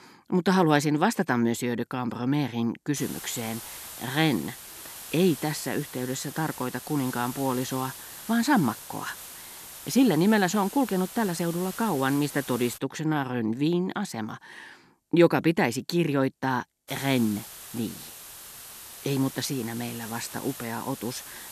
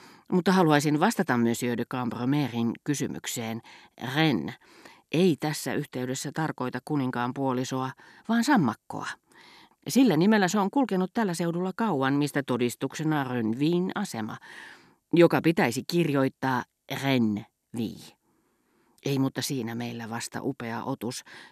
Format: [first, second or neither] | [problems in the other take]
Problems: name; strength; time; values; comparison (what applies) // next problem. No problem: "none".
second | hiss; noticeable; from 3 to 13 s and from 17 s on; 15 dB below the speech